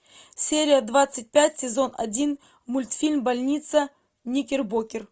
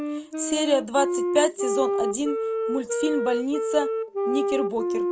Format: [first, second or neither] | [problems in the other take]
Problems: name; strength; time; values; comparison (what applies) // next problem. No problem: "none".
first | background sound (Wind instrument, woodwind instrument); as loud as the speech